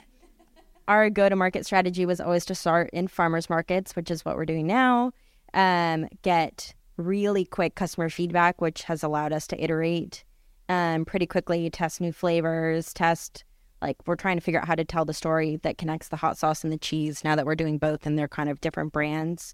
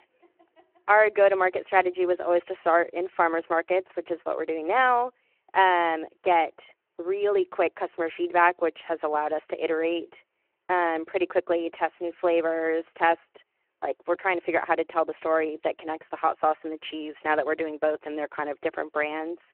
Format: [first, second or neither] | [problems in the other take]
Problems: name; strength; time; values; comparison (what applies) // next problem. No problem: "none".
first | phone-call audio